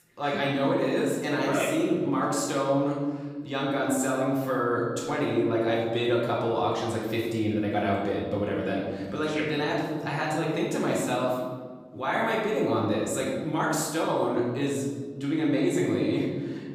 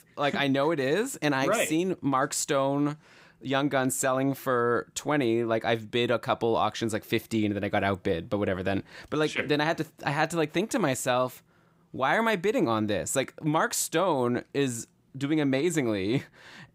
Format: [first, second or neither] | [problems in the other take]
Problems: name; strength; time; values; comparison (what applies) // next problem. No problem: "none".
second | room echo; noticeable; dies away in 1.5 s // off-mic speech; far